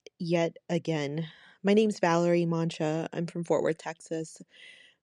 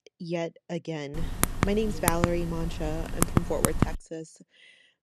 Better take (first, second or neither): first